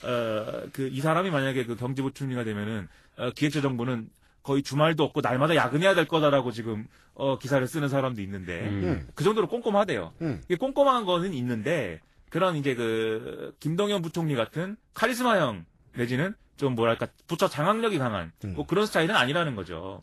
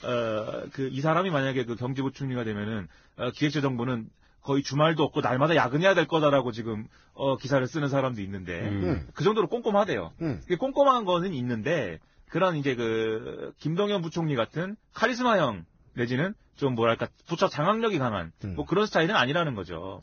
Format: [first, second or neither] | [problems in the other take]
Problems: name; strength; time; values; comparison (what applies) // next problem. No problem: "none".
first | garbled, watery; badly; nothing above 6.5 kHz; slightly in the first